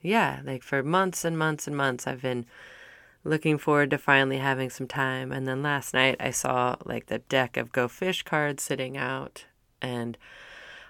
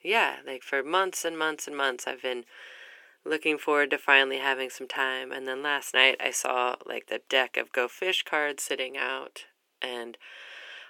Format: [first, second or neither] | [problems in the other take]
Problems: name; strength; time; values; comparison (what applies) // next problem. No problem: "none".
first | thin; somewhat; fading below 350 Hz